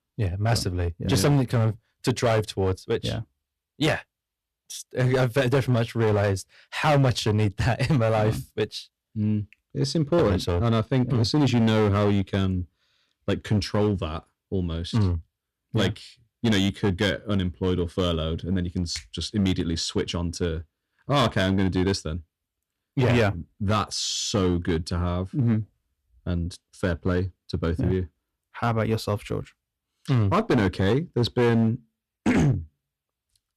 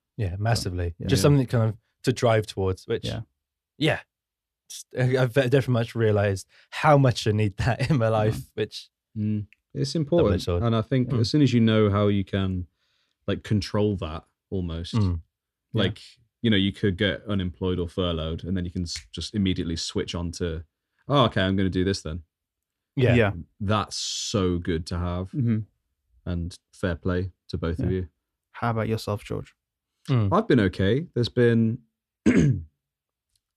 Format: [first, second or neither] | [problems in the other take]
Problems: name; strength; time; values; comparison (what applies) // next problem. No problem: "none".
second | distortion; slight; 8% of the sound clipped